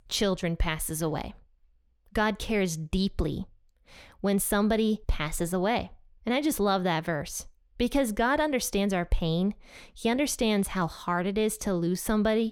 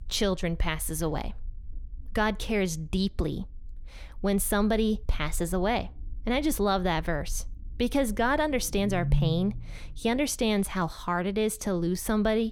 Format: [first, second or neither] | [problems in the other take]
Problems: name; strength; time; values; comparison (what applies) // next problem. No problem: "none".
first | low rumble; noticeable; throughout; 20 dB below the speech